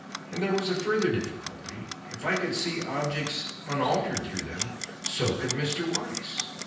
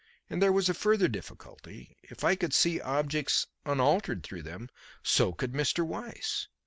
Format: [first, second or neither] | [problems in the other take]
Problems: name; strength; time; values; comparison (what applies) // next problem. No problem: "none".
second | background sound (Clock); 7 dB below the speech // room echo; dies away in 0.9 s